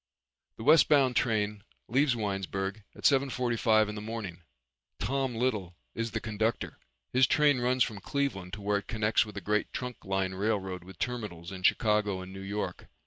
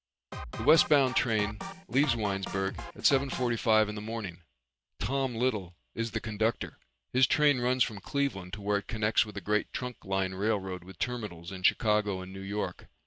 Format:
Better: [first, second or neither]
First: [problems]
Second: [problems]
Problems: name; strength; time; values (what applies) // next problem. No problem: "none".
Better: first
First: none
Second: background sound (Drum kit); 10 dB below the speech